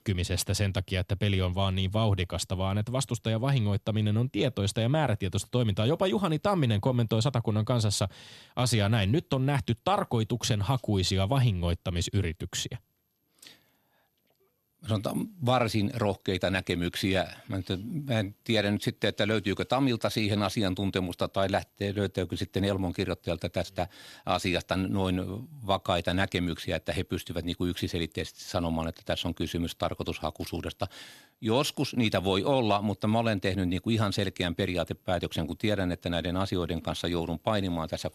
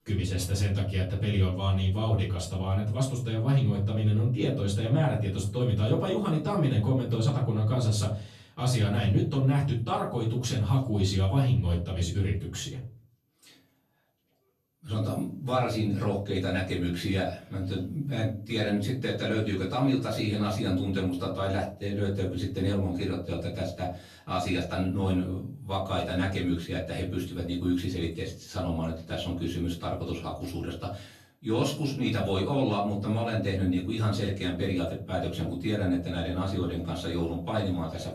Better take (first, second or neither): first